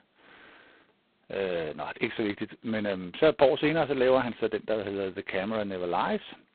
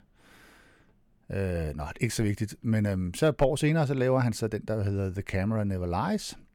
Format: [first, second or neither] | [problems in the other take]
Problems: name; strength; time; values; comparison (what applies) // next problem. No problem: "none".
second | phone-call audio; poor line; nothing above 4 kHz